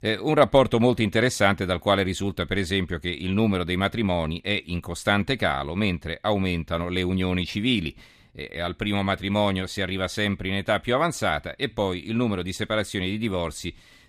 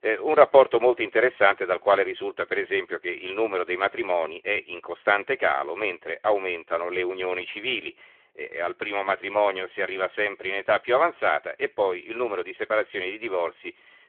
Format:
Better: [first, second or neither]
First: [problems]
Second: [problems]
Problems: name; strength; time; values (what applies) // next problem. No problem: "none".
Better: first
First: none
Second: phone-call audio